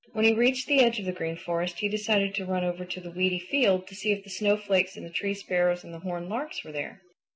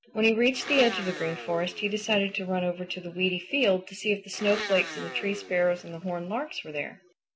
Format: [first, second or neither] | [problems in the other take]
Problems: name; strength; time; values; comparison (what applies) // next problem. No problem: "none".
first | background sound (Domestic sounds, home sounds); 12 dB below the speech